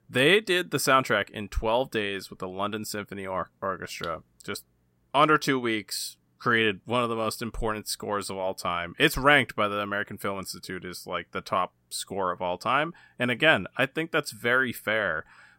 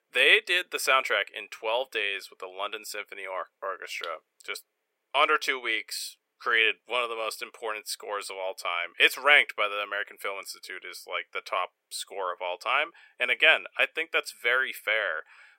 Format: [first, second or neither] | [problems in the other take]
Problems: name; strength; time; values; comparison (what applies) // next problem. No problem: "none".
first | thin; very; fading below 450 Hz